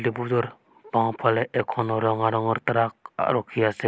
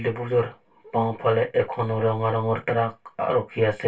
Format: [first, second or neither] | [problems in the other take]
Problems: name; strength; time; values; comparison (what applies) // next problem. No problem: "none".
first | room echo; dies away in 0.2 s